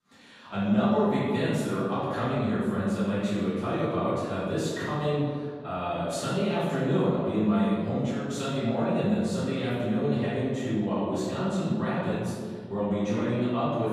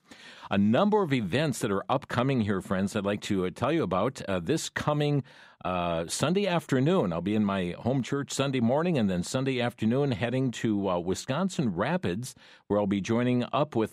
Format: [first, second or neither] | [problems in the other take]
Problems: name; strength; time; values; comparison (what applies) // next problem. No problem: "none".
second | room echo; strong; dies away in 1.7 s // off-mic speech; far